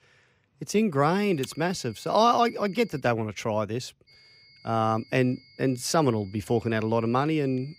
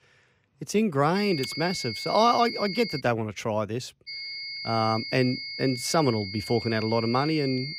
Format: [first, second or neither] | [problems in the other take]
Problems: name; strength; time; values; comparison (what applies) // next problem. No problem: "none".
first | high-pitched whine; loud; from 1 to 3 s and from 4 s on; 5 kHz, 8 dB below the speech; faint in the first